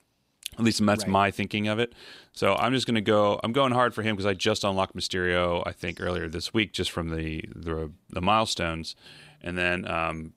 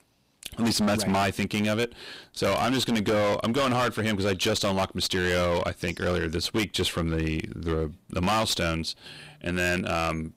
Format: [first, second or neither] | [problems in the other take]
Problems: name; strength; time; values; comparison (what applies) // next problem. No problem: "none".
first | distortion; heavy; 18% of the sound clipped